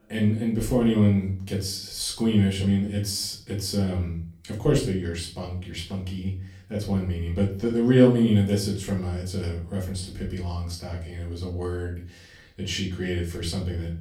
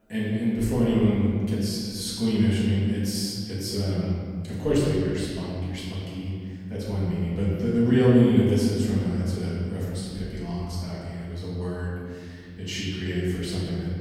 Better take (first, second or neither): first